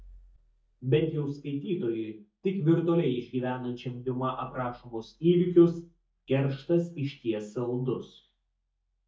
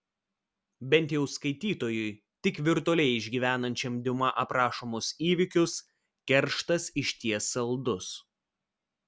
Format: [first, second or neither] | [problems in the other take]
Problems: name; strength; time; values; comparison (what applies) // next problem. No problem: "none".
second | noise reduction (neural mask model DeepFilterNet 3)